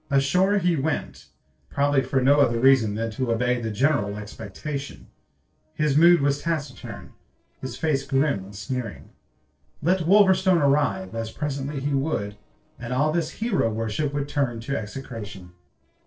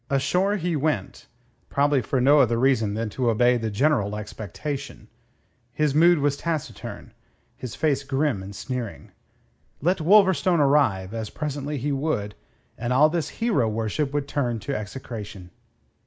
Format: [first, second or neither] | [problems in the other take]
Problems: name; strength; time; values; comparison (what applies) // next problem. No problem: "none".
second | noise reduction (neural separator model SepFormer DNS4)